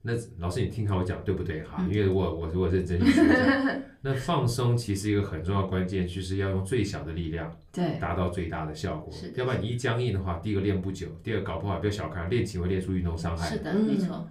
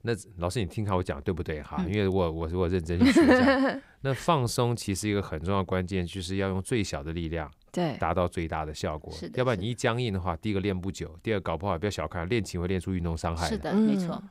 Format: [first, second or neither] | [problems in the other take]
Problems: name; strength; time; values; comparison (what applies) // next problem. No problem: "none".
second | off-mic speech; somewhat distant // room echo; very slight; dies away in 0.3 s